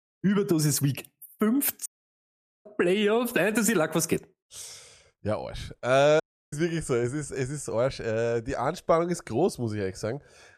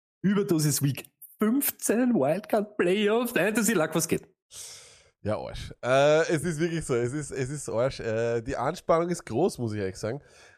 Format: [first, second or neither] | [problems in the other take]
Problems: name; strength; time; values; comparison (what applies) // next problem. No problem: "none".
second | audio cutting out; at 2 s for 1 s and at 6 s